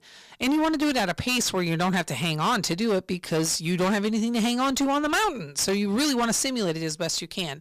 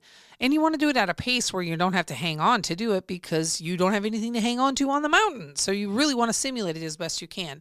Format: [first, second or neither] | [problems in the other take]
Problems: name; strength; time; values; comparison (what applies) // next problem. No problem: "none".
second | distortion; heavy; 20% of the sound clipped